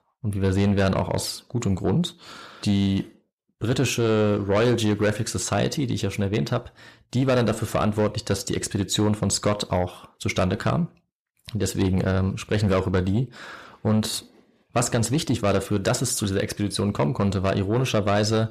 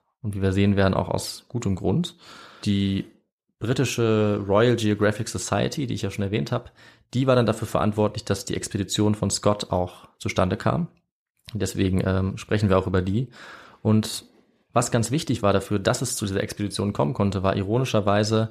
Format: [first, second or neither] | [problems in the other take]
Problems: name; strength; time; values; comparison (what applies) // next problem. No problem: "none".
second | distortion; slight; 10 dB below the speech